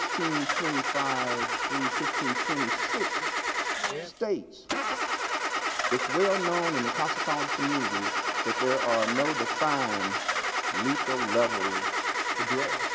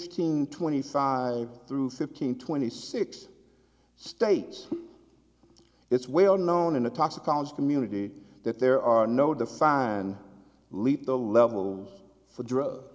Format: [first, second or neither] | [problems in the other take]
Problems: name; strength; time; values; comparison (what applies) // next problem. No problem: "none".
second | background sound (Engine starting / Car); 3 dB above the speech